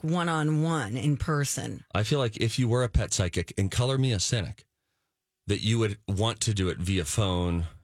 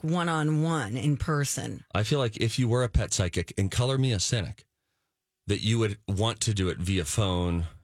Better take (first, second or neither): neither